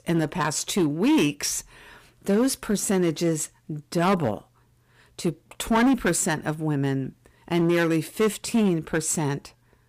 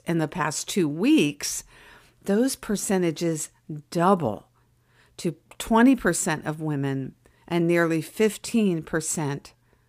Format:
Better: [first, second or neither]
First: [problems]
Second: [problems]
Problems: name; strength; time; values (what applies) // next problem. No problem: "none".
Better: second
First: distortion; slight; 6% of the sound clipped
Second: none